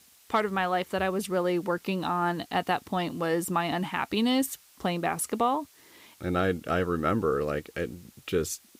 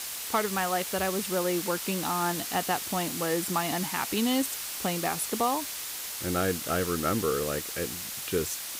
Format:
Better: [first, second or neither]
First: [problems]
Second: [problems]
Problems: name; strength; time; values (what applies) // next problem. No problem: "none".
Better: first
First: hiss; faint; throughout; 25 dB below the speech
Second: hiss; loud; throughout; 3 dB below the speech